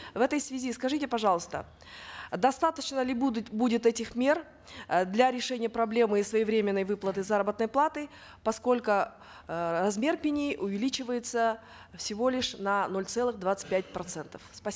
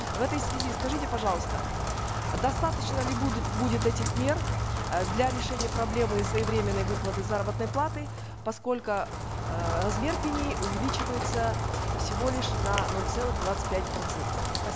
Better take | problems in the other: first | background sound (Rain); 2 dB above the speech

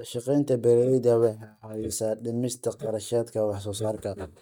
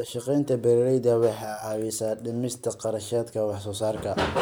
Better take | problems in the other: second | noise reduction (neural mask model DeepFilterNet 3)

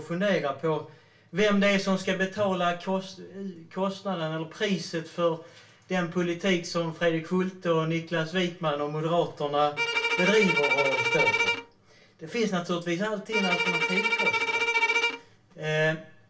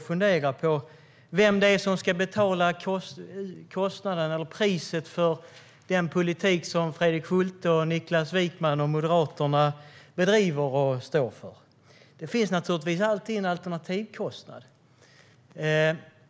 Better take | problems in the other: second | background sound (Bowed string instrument); 1 dB above the speech // room echo; dies away in 0.2 s

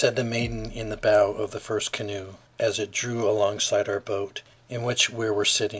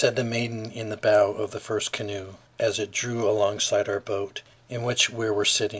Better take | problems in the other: second | background sound (Bass drum); 18 dB below the speech

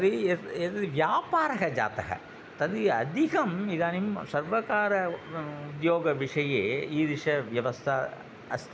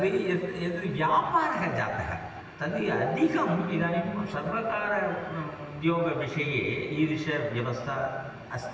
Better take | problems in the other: first | background sound (Guitar); 16 dB below the speech // room echo; dies away in 1.4 s

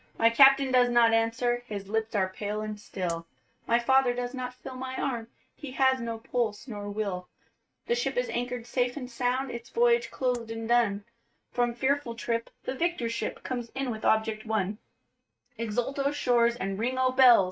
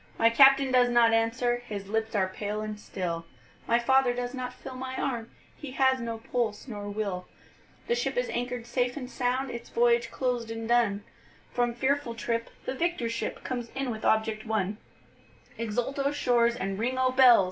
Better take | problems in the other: second | noise reduction (neural mask model RNNoise)

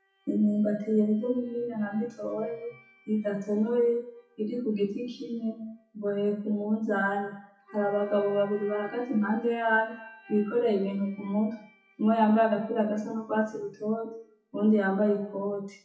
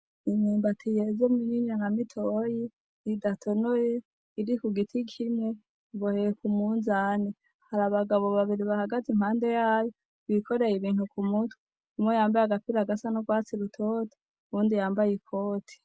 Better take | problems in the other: second | noise reduction (classical method WPE with log-MMSE)

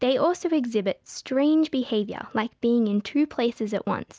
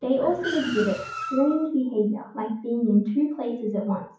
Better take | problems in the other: first | noise reduction (classical method WPE with log-MMSE)

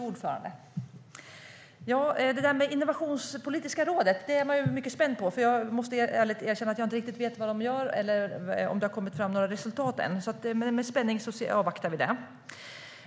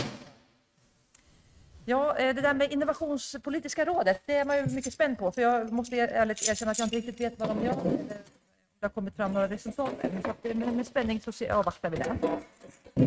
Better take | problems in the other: first | noise reduction (neural mask model RNNoise)

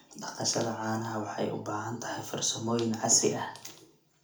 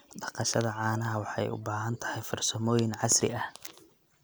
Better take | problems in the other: second | room echo; dies away in 0.3 s

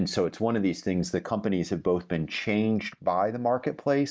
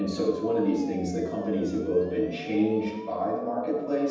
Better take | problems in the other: first | background sound (Siren); 18 dB below the speech // room echo; dies away in 1.1 s

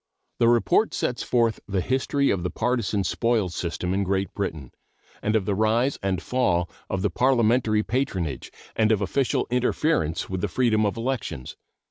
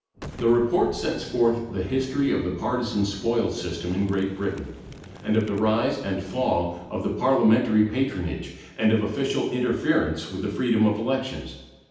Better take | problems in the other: first | background sound (Boom); 20 dB below the speech // room echo; dies away in 0.9 s

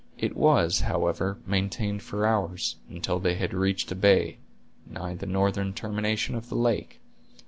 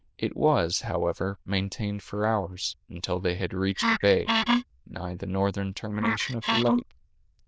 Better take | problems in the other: first | noise reduction (neural diffusion model UNIVERSE++)

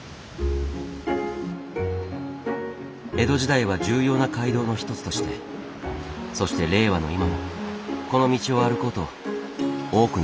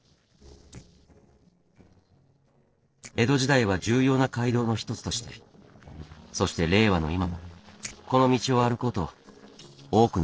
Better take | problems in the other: first | noise reduction (neural separator model SepFormer DNS4)

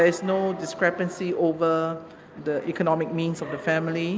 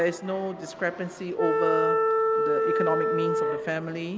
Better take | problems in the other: first | background sound (Wind instrument, woodwind instrument); 5 dB above the speech

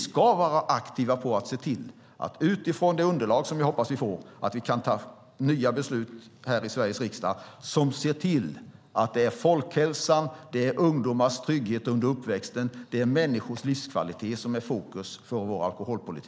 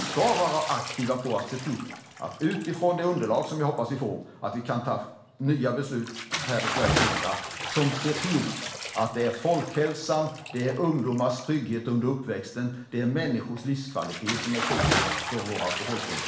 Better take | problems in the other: first | background sound (Bathtub (filling or washing) / Splash, splatter); 5 dB below the speech // room echo; dies away in 0.5 s

